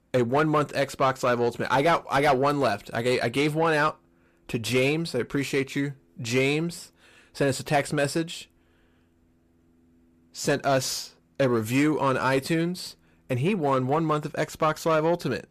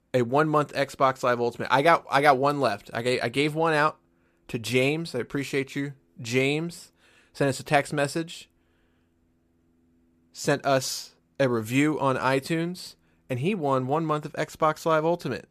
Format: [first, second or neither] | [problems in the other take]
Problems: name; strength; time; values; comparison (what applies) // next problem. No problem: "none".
second | distortion; slight; 10 dB below the speech